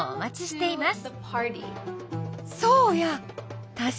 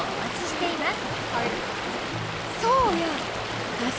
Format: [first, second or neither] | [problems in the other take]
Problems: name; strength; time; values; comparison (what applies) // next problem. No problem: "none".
first | background sound (Stream); 1 dB below the speech